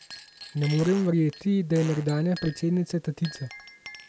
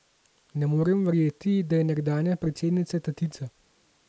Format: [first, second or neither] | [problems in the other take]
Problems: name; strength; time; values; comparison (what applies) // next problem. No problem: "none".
second | background sound (Fart + Chink, clink); 18 dB below the speech